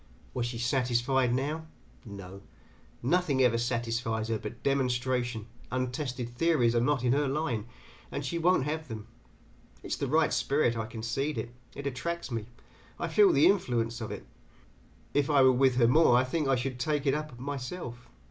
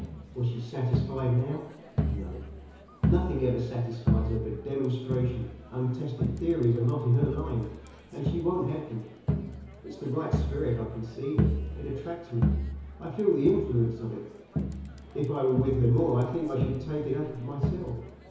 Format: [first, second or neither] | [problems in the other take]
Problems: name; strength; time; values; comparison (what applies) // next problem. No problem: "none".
first | background sound (Crowd); 4 dB below the speech // room echo; dies away in 1 s